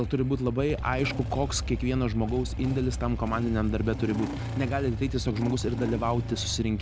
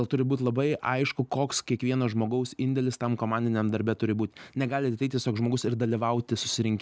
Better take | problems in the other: second | background sound (Engine starting / Motorcycle); 5 dB below the speech

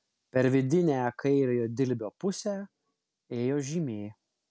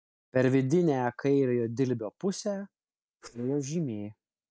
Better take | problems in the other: first | noise reduction (neural mask model DeepFilterNet 3)

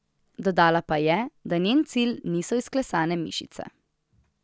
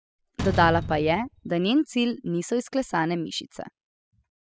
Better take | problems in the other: first | noise reduction (classical method spectral subtraction)

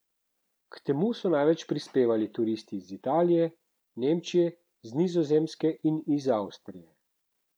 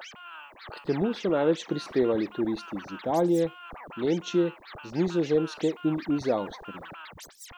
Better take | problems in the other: first | background sound (Scratching (performance technique)); 16 dB below the speech

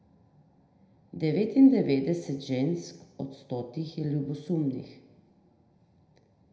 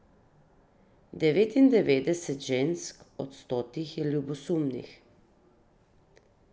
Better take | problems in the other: second | room echo; dies away in 0.7 s

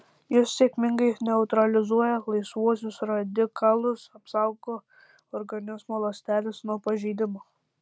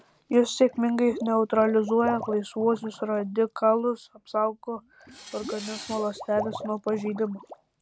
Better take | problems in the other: first | background sound (Tools + Water / Liquid); 15 dB below the speech

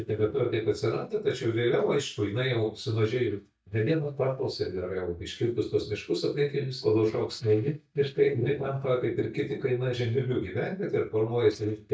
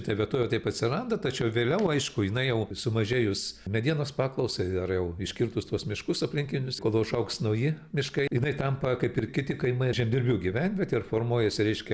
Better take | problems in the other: second | noise reduction (neural mask model DeepFilterNet 3)

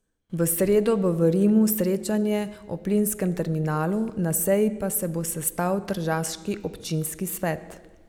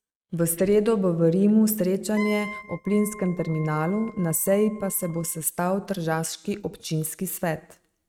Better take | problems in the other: first | noise reduction (neural mask model RNNoise)

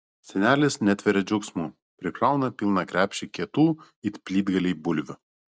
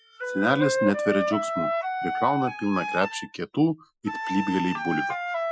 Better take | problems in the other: first | noise reduction (classical method Wiener filter)

